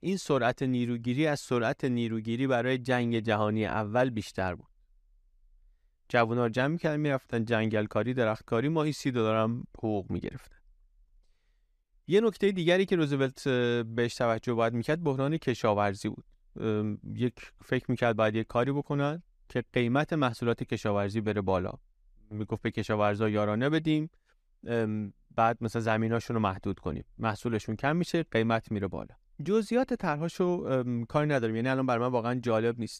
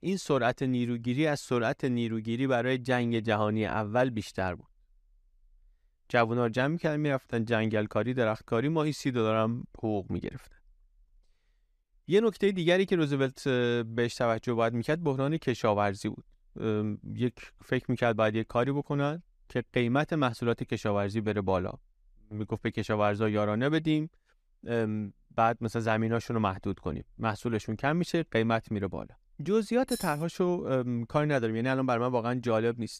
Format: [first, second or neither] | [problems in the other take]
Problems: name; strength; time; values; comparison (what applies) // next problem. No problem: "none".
first | jangling keys; faint; at 30 s; peak 10 dB below the speech